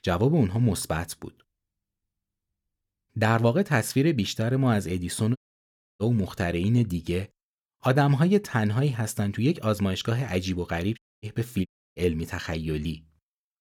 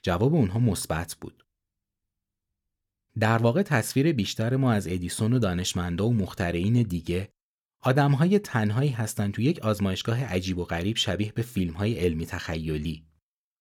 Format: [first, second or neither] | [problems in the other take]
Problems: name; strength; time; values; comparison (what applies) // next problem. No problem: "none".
second | audio cutting out; at 5.5 s for 0.5 s, at 11 s and at 12 s